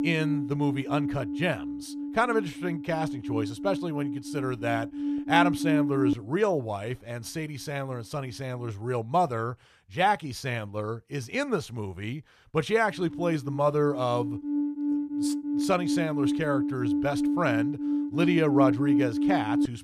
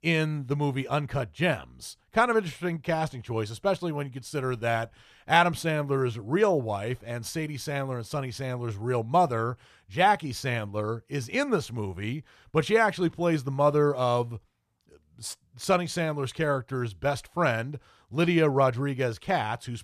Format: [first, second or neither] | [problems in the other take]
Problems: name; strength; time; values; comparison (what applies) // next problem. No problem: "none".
second | alarms or sirens; loud; throughout; as loud as the speech